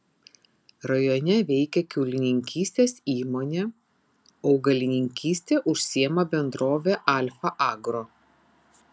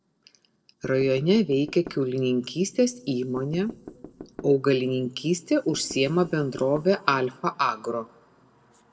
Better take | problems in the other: first | noise reduction (neural separator model SepFormer DNS4)

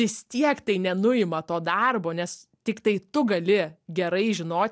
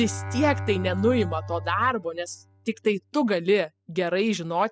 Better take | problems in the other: first | noise reduction (classical method spectral subtraction)

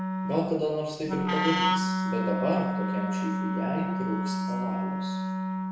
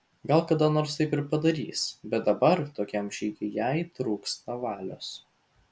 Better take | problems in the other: second | background sound (Wind instrument, woodwind instrument); 3 dB above the speech // room echo; dies away in 0.8 s

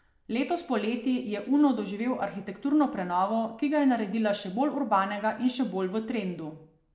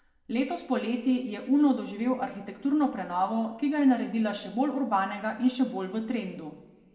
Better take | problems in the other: first | room echo; dies away in 1.3 s

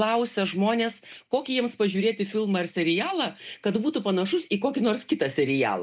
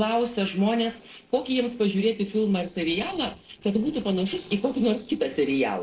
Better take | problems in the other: first | noise reduction (neural separator model SepFormer DNS4)

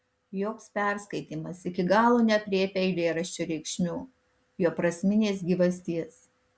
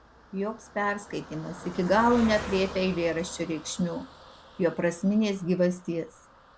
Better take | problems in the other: first | background sound (Car passing by); 15 dB below the speech

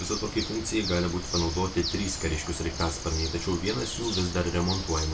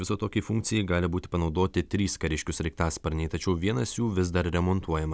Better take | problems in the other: second | background sound (Bird); 6 dB below the speech // room echo; dies away in 0.2 s

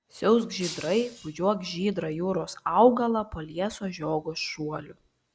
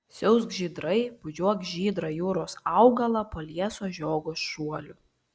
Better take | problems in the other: second | background sound (Shatter); 16 dB below the speech

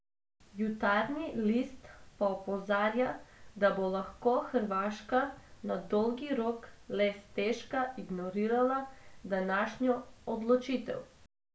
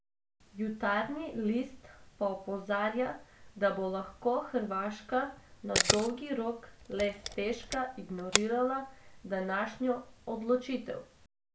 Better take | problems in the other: first | background sound (Camera); 1 dB below the speech

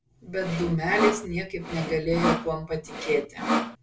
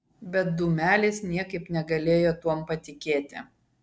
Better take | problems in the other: second | background sound (Sawing); 2 dB below the speech // room echo; dies away in 0.2 s

